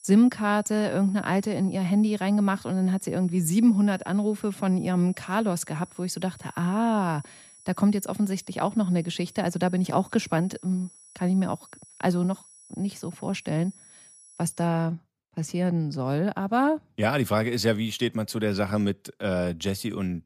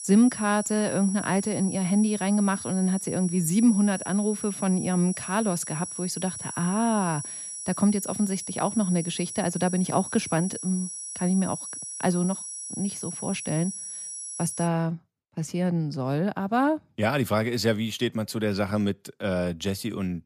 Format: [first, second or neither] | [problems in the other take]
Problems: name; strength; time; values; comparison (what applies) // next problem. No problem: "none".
first | high-pitched whine; loud; until 15 s; 10 kHz, 7 dB below the speech; faint in the first